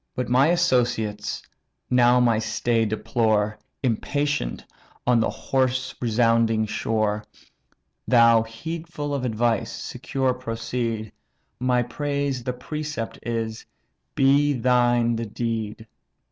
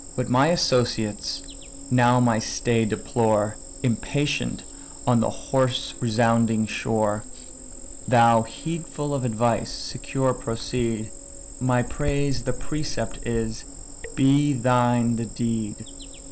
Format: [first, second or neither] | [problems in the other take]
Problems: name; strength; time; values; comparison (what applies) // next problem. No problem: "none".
first | background sound (Cricket); 11 dB below the speech